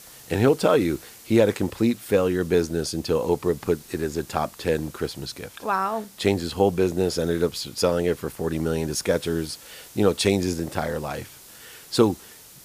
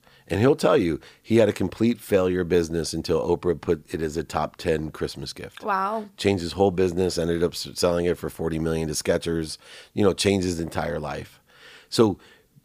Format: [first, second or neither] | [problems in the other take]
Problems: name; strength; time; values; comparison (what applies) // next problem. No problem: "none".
second | hiss; faint; throughout; 20 dB below the speech